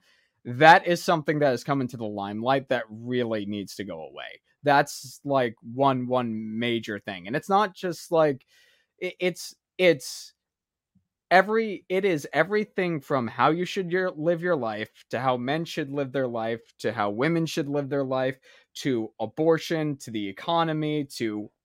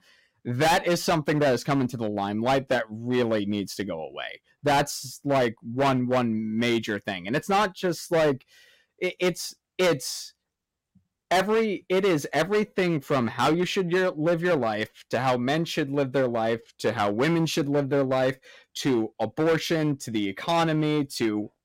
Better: first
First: none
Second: distortion; heavy; 10% of the sound clipped

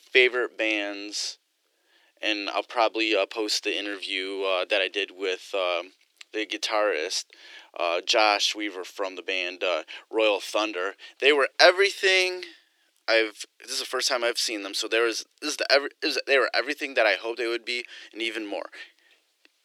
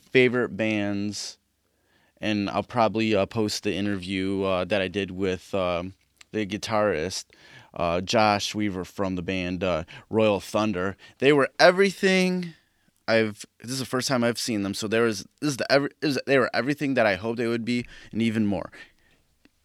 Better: second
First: thin; very; fading below 350 Hz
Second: none

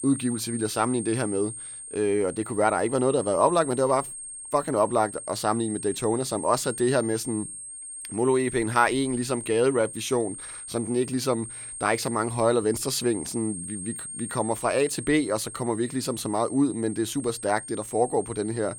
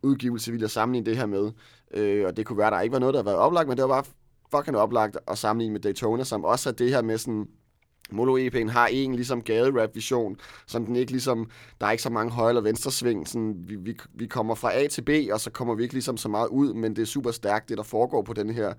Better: second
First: high-pitched whine; loud; throughout; 8.5 kHz, 10 dB below the speech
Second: none

